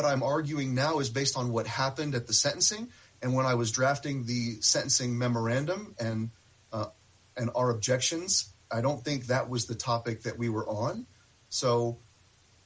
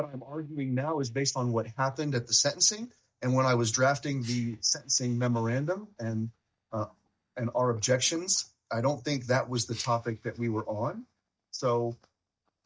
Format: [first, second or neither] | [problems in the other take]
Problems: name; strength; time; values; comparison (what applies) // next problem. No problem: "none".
first | noise reduction (neural mask model DeepFilterNet 3)